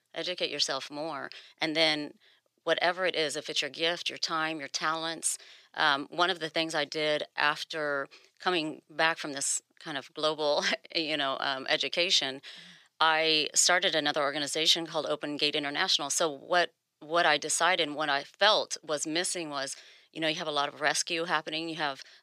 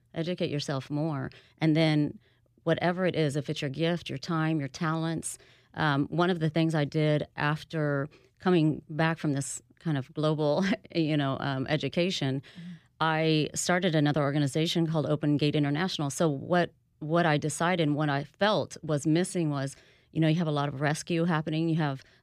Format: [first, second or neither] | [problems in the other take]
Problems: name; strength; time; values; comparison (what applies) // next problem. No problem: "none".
second | thin; very; fading below 600 Hz